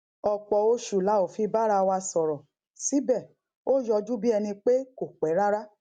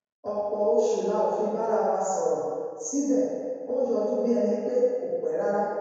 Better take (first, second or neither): first